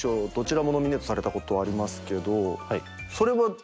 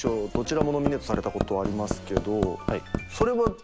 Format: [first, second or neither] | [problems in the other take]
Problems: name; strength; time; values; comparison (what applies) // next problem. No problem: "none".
first | background sound (Hammer); 4 dB below the speech